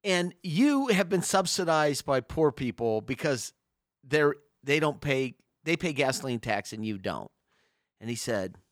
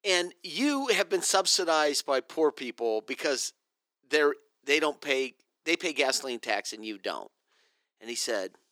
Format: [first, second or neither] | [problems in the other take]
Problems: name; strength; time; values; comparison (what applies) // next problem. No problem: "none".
first | thin; very slightly; fading below 350 Hz